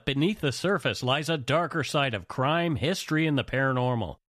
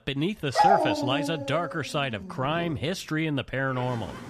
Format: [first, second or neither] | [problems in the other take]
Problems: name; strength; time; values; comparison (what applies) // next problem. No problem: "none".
first | animal sounds; very loud; throughout; 3 dB above the speech